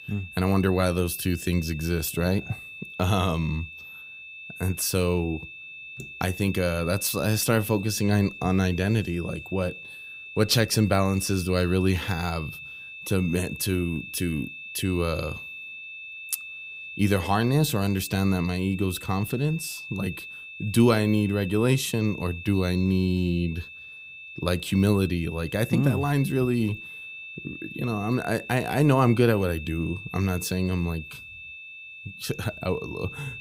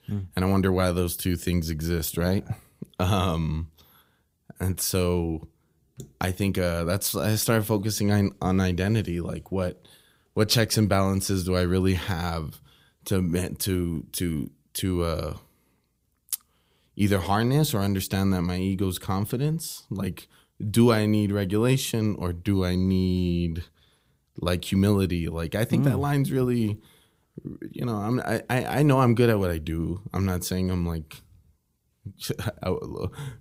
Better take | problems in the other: second | high-pitched whine; noticeable; throughout; 2.5 kHz, 15 dB below the speech

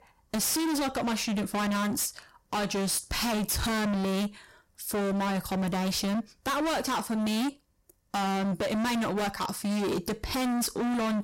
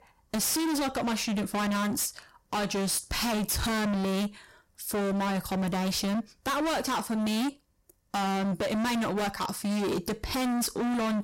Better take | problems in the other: neither | distortion; heavy; 41% of the sound clipped; the same in both

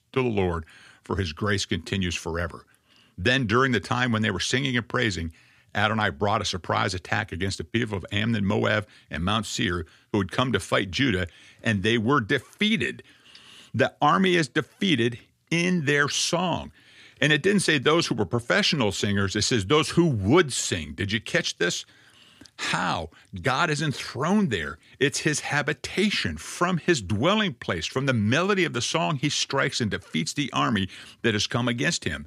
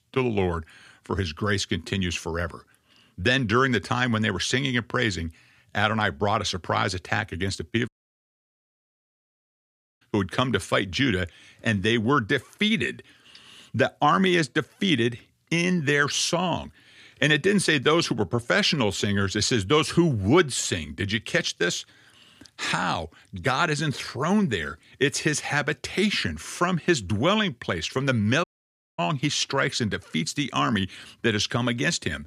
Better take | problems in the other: first | audio cutting out; at 8 s for 2 s and at 28 s for 0.5 s

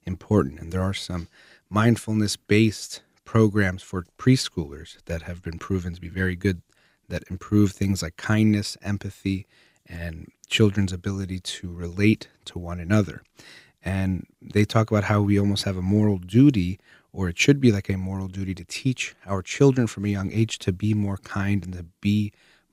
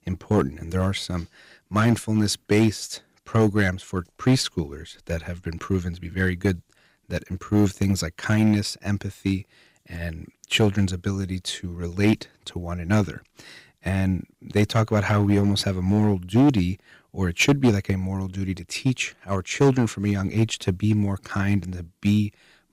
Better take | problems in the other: first | distortion; slight; 3% of the sound clipped

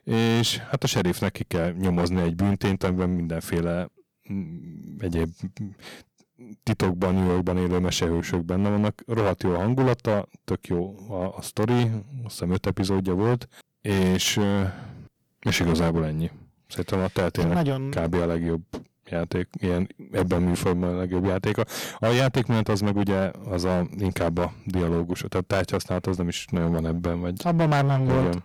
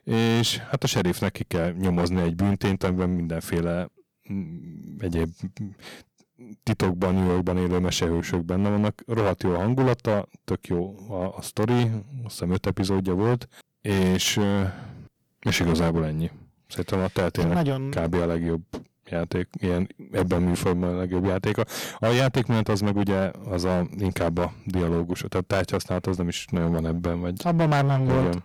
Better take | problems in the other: neither | distortion; heavy; 12% of the sound clipped; the same in both

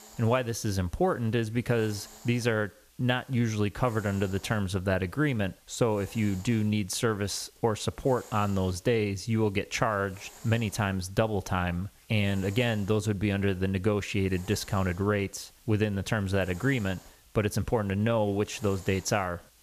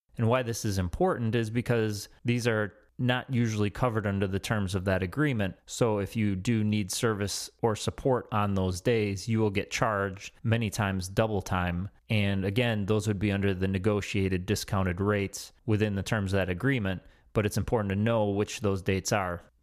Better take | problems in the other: second | hiss; faint; throughout; 25 dB below the speech

